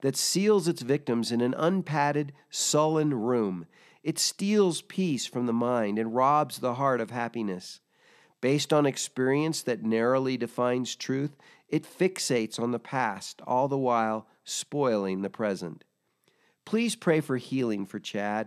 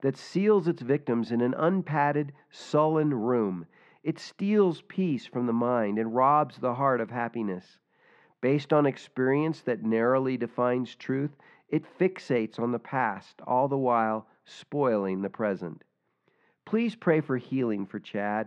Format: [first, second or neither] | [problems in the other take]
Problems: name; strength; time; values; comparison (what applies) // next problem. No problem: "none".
first | muffled; very; fading above 2 kHz